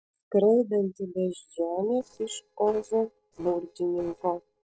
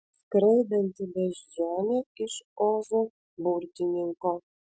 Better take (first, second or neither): second